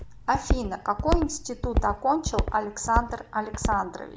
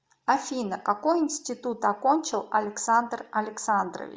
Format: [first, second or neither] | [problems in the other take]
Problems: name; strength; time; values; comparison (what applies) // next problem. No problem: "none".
second | background sound (Walk, footsteps); 2 dB below the speech